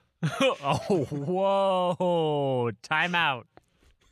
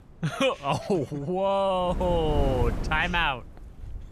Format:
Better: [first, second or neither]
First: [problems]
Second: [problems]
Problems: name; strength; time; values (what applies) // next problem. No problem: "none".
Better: first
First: none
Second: wind noise on the microphone; occasional gusts; 15 dB below the speech